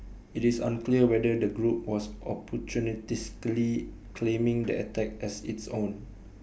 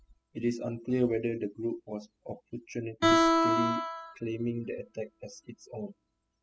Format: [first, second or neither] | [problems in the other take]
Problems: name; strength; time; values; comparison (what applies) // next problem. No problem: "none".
first | noise reduction (classical method spectral subtraction)